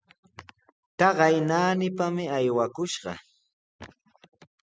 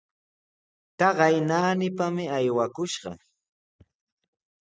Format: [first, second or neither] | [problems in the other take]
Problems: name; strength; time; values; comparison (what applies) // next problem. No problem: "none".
first | noise reduction (neural mask model DeepFilterNet 3)